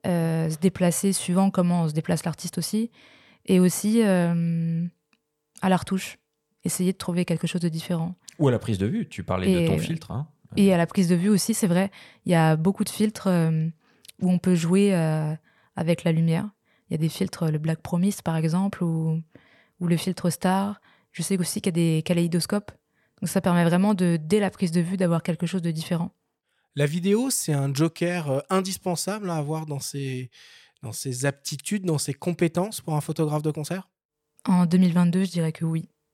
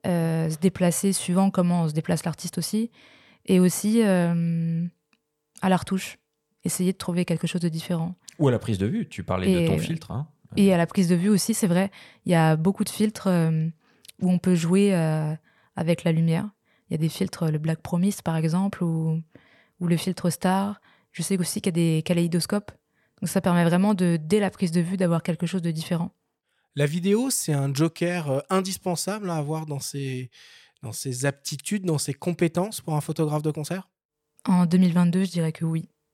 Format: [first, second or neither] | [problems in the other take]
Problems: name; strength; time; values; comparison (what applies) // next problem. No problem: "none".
neither | none